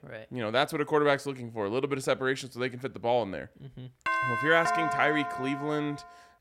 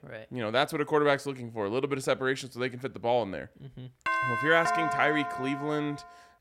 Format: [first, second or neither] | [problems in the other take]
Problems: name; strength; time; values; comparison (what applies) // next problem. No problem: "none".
neither | doorbell; loud; from 4 s on; peak 1 dB above the speech; the same in both